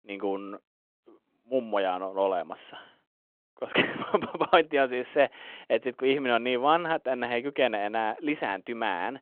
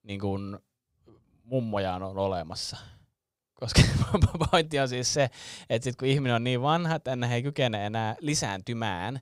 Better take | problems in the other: second | phone-call audio

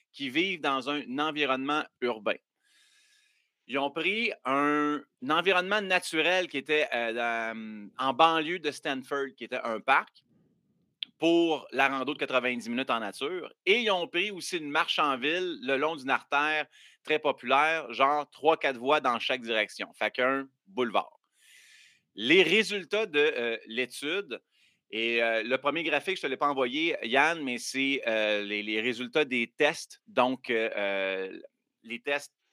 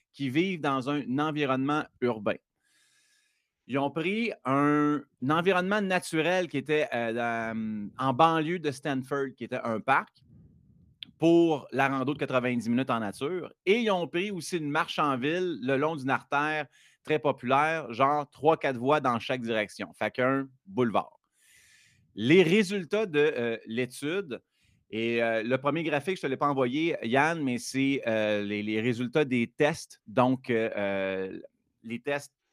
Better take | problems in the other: second | thin; very slightly; fading below 300 Hz

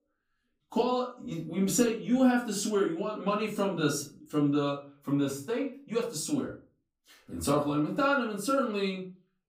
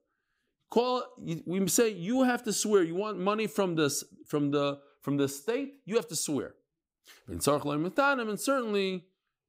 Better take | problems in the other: second | off-mic speech; far // room echo; slight; dies away in 0.3 s

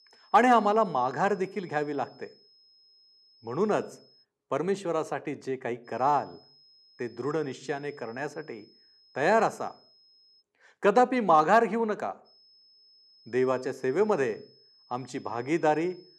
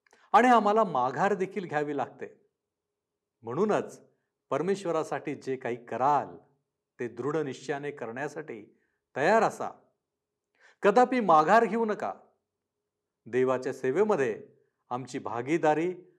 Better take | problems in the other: second | high-pitched whine; faint; until 4 s, from 6 to 10 s and from 12 s on; 5 kHz, 30 dB below the speech

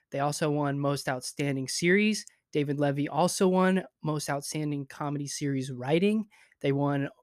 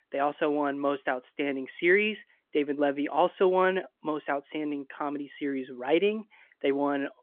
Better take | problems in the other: first | phone-call audio

